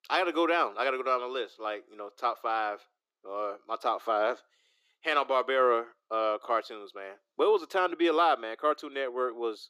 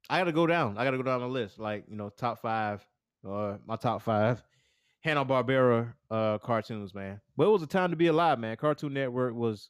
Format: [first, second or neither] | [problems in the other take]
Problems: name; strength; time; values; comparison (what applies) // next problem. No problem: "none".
second | thin; very; fading below 350 Hz